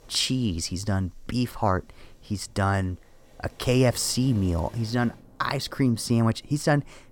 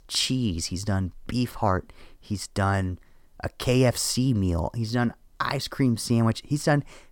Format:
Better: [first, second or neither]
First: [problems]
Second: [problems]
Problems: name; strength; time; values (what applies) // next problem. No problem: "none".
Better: second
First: rain or running water; faint; throughout; 25 dB below the speech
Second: none